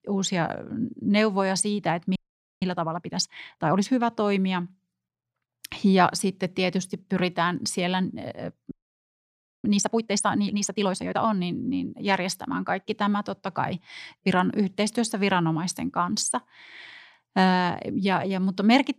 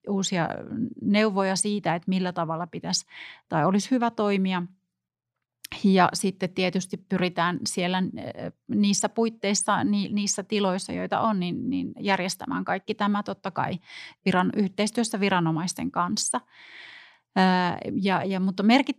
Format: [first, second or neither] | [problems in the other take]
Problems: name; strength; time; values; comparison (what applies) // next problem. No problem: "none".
second | audio freezing; at 2 s and at 8.5 s for 1 s